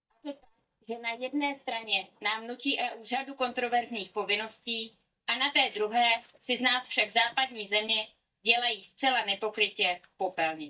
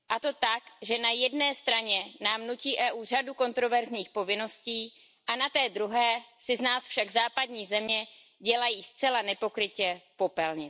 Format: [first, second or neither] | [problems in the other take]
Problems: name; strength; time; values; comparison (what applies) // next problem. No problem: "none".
second | noise reduction (neural mask model DeepFilterNet 3)